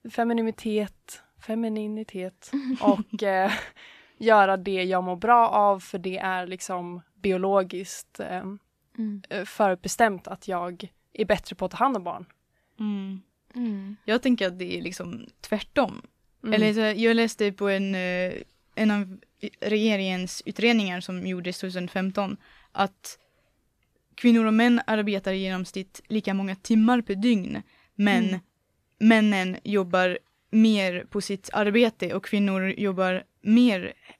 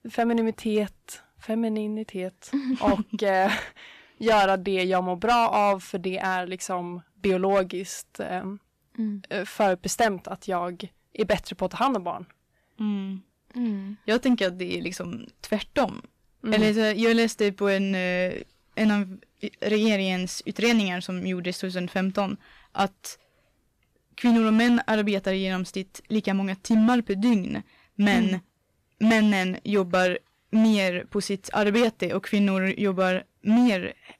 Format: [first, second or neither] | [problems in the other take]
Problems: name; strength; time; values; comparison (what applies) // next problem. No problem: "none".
first | distortion; slight; 5% of the sound clipped